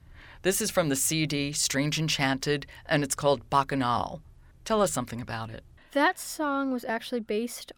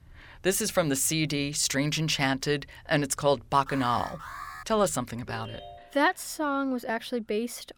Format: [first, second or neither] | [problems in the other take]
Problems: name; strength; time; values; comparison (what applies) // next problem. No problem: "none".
first | alarm; faint; at 3.5 s; peak 10 dB below the speech // phone ringing; faint; at 5.5 s; peak 15 dB below the speech